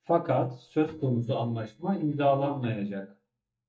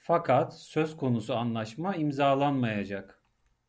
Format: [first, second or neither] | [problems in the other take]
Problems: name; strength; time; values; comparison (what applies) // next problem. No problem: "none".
second | noise reduction (neural mask model DeepFilterNet 3)